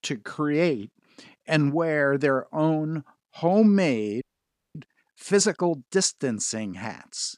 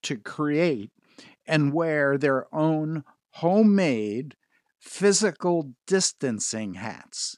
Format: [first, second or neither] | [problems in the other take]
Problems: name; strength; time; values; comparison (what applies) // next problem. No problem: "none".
second | audio freezing; at 4 s for 0.5 s